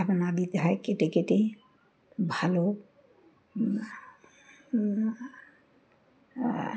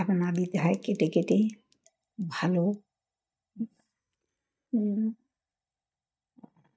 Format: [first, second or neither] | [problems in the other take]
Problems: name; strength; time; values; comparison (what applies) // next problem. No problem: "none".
first | noise reduction (neural mask model DeepFilterNet 3)